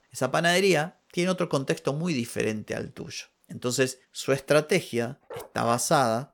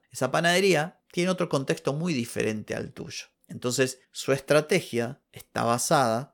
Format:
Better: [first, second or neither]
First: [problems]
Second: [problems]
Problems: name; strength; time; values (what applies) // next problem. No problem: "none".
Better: second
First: animal sounds; noticeable; throughout; 15 dB below the speech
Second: none